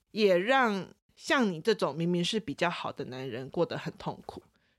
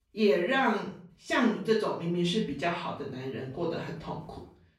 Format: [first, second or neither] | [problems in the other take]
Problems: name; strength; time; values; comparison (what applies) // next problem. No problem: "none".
first | off-mic speech; far // room echo; noticeable; dies away in 0.5 s